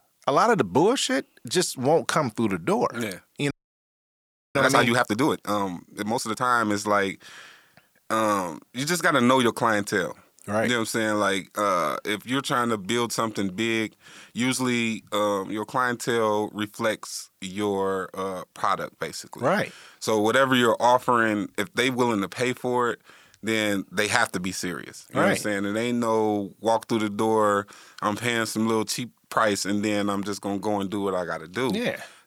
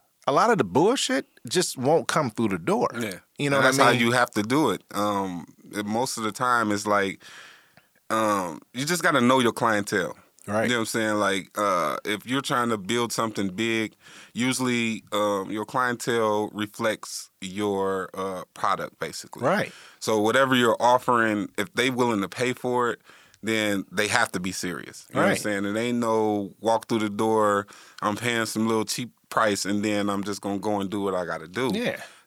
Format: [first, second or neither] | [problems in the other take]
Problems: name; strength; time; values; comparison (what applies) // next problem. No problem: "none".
second | audio freezing; at 3.5 s for 1 s